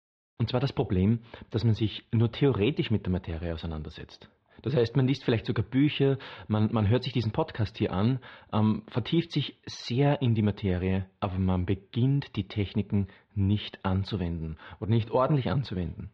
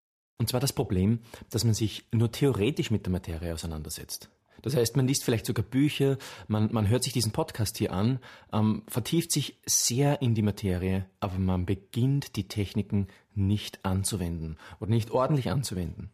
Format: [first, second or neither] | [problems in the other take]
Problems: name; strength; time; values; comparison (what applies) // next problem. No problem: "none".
second | muffled; very; fading above 4 kHz